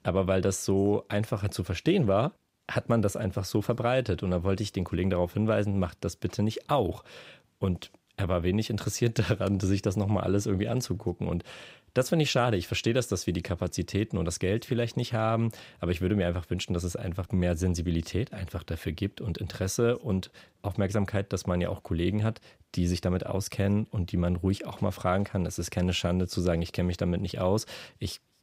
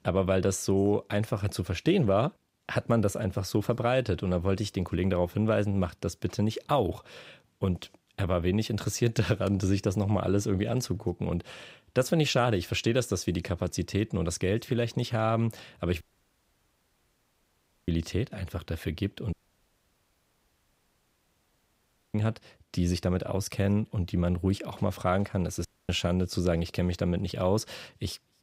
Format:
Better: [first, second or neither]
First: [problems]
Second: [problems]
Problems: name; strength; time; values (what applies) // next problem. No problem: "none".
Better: first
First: none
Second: audio cutting out; at 16 s for 2 s, at 19 s for 3 s and at 26 s